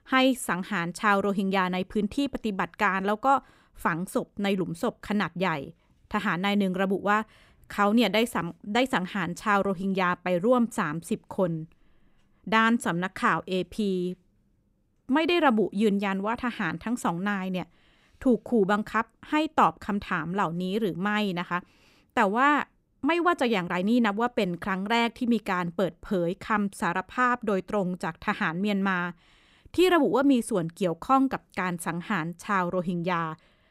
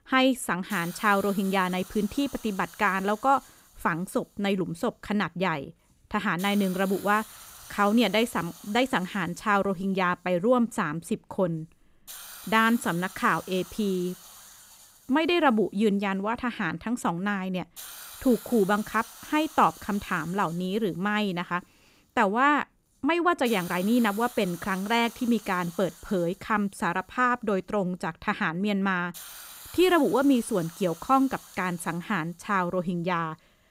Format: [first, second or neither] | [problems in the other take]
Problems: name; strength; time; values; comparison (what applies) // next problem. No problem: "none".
first | hiss; noticeable; throughout; 15 dB below the speech